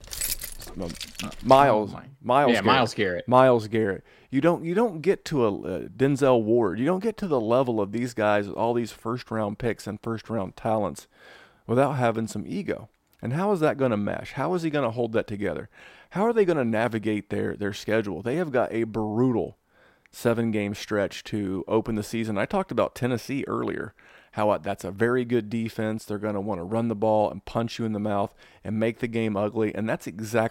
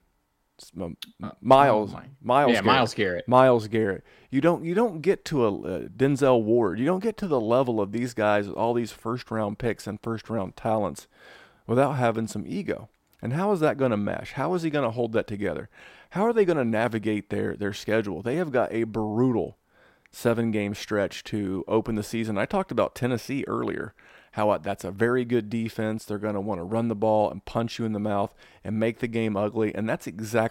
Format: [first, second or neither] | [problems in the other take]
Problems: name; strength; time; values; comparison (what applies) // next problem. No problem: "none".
second | jangling keys; noticeable; until 1.5 s; peak 3 dB below the speech